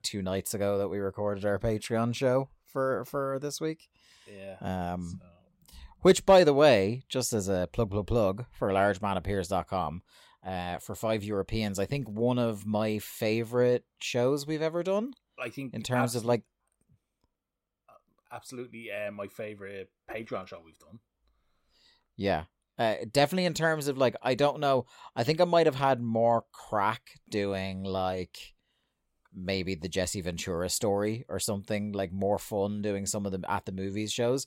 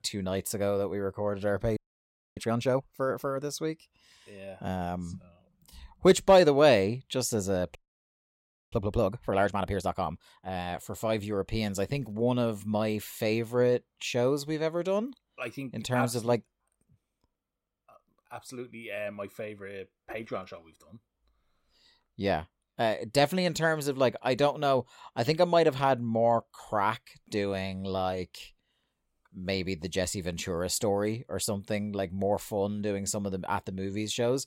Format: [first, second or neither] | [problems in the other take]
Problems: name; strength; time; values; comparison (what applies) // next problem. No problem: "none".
first | audio freezing; at 2 s for 0.5 s and at 8 s for 1 s